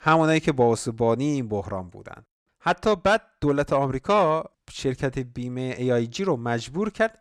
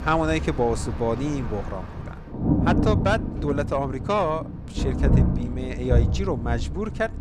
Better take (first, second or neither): first